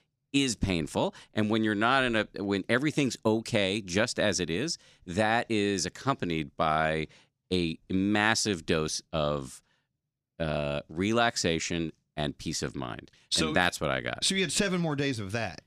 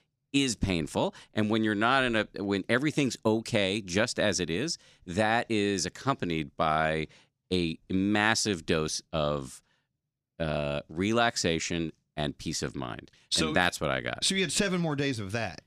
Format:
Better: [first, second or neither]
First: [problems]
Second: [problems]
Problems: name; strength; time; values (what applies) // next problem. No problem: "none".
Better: neither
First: none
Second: none